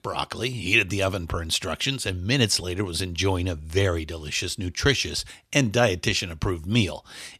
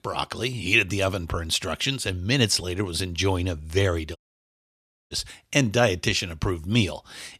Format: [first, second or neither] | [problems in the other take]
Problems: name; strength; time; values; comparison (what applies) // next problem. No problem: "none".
first | audio cutting out; at 4 s for 1 s